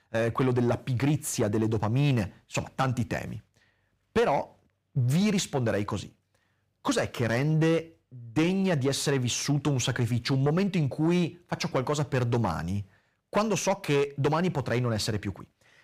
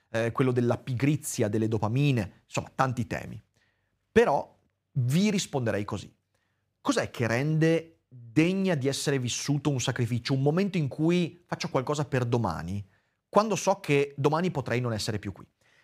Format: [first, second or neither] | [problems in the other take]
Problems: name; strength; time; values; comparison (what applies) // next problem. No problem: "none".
second | distortion; slight; 10 dB below the speech